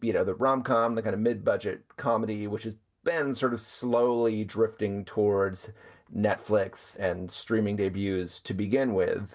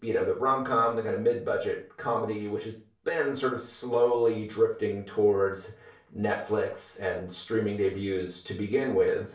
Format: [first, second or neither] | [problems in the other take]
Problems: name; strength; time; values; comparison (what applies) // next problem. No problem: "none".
first | room echo; dies away in 0.4 s